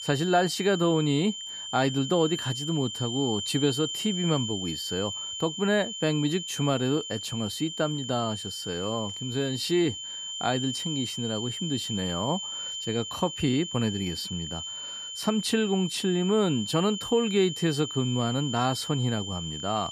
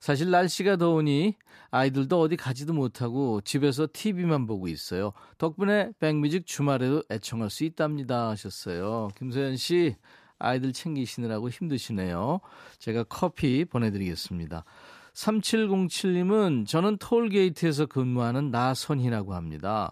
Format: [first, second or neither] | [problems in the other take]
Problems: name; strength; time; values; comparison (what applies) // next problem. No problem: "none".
second | high-pitched whine; loud; throughout; 3 kHz, 6 dB below the speech